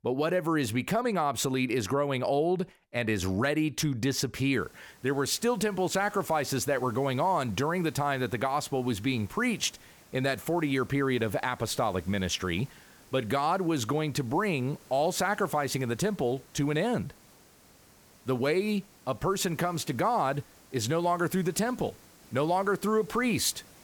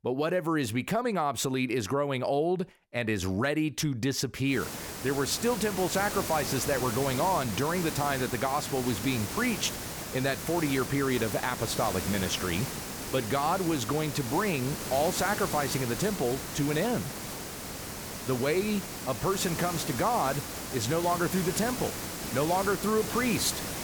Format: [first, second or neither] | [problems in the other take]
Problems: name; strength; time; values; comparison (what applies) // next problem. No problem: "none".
first | hiss; loud; from 4.5 s on; 6 dB below the speech; faint in the first